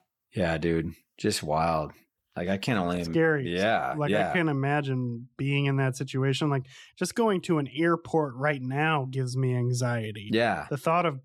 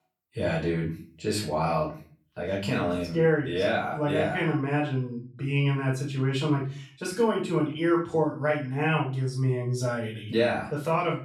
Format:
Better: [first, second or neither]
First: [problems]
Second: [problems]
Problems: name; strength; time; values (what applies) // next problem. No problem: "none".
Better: first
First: none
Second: off-mic speech; far // room echo; slight; dies away in 0.3 s